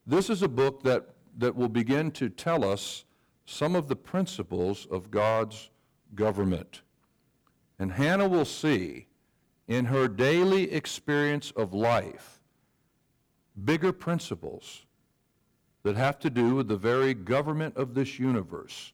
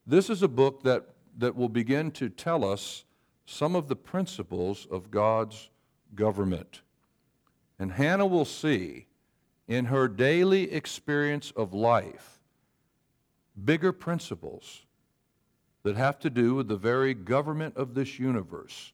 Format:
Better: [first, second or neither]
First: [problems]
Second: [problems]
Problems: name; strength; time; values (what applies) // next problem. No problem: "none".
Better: second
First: distortion; slight; 5% of the sound clipped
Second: none